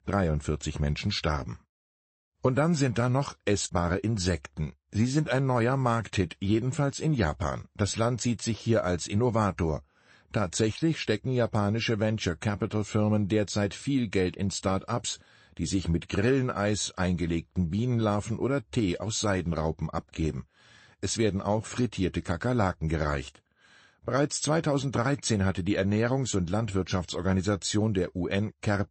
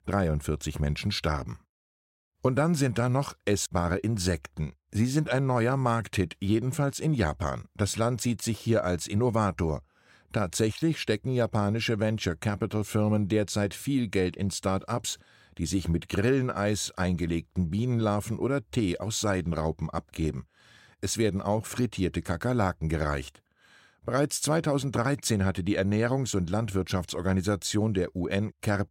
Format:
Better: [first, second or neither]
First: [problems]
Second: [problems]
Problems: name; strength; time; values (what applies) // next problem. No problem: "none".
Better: second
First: garbled, watery; slightly; nothing above 8 kHz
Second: none